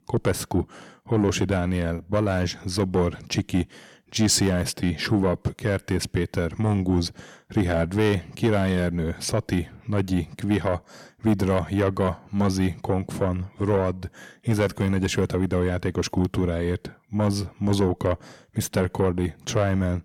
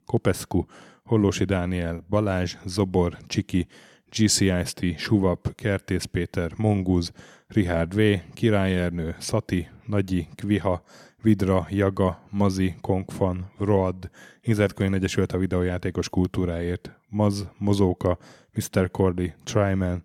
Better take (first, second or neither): second